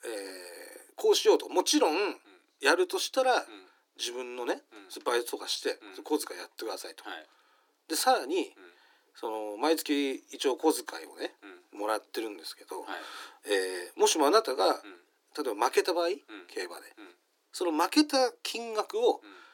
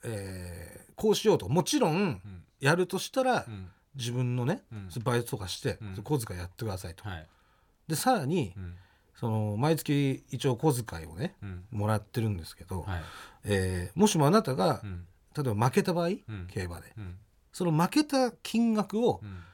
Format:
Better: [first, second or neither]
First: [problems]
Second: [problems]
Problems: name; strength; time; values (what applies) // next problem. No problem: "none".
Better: second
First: thin; somewhat; fading below 300 Hz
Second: none